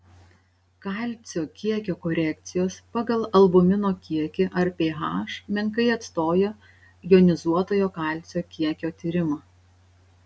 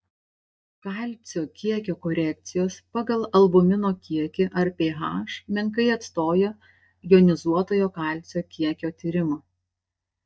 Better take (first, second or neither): first